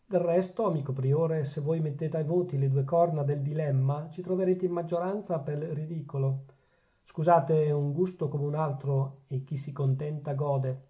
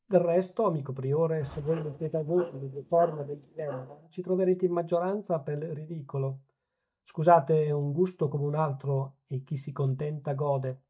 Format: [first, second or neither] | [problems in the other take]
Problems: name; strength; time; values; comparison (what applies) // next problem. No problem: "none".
first | noise reduction (neural mask model DeepFilterNet 3)